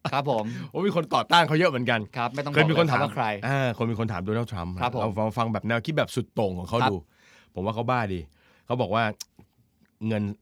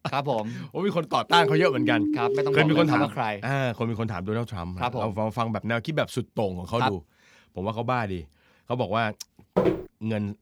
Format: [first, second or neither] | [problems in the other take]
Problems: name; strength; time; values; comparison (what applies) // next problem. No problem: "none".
first | siren; loud; from 1.5 to 3 s; peak 1 dB above the speech // footsteps; loud; at 9.5 s; peak 2 dB above the speech